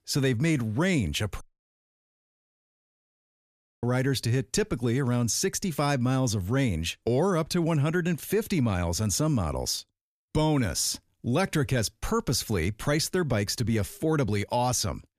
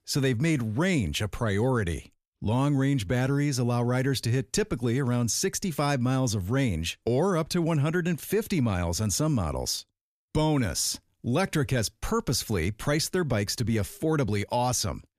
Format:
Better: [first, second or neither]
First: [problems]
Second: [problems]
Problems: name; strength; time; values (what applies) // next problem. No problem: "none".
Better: second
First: audio cutting out; at 1.5 s for 2.5 s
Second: none